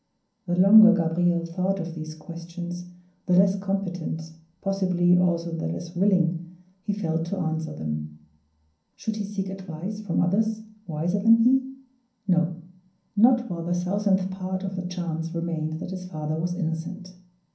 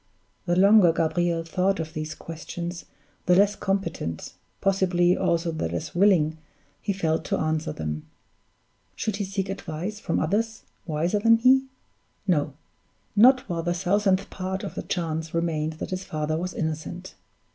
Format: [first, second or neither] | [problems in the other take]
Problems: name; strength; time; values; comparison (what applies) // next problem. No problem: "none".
second | room echo; dies away in 0.6 s